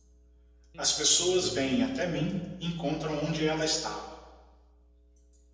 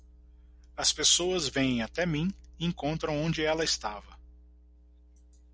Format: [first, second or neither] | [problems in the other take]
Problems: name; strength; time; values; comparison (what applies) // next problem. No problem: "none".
second | background sound (Electric guitar); 17 dB below the speech // room echo; dies away in 1 s